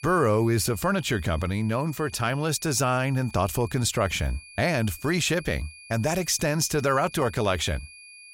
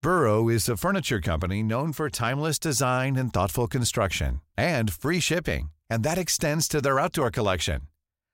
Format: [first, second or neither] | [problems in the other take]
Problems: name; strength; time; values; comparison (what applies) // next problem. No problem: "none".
second | high-pitched whine; noticeable; throughout; 2.5 kHz, 20 dB below the speech